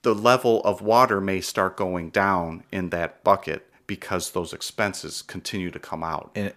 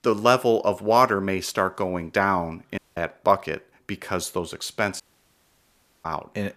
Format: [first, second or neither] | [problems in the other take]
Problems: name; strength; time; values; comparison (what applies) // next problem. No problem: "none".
first | audio cutting out; at 3 s and at 5 s for 1 s